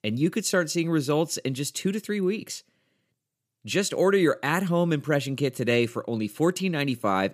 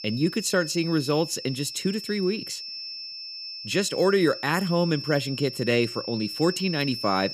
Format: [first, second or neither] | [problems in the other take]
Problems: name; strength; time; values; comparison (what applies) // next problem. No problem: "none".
first | high-pitched whine; loud; throughout; 5.5 kHz, 9 dB below the speech